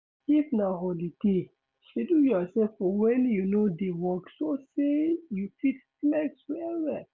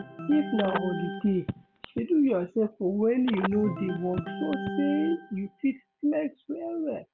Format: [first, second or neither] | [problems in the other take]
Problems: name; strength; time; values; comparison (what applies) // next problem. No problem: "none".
first | background sound (Organ + Telephone); 9 dB below the speech